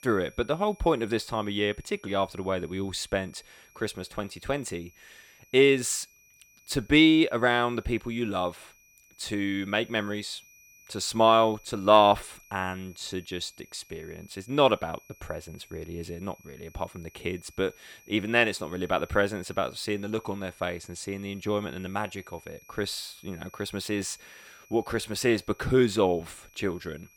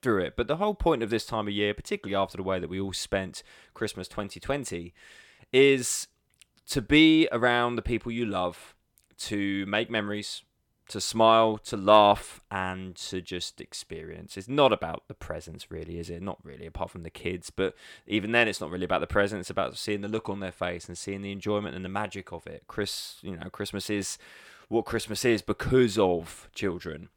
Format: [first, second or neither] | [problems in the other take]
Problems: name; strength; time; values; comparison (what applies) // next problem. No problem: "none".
second | high-pitched whine; faint; throughout; 2.5 kHz, 30 dB below the speech